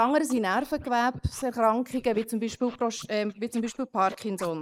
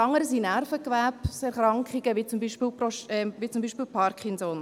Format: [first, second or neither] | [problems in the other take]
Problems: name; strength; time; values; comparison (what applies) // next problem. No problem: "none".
second | noise reduction (neural mask model Resemble Enhance denoiser)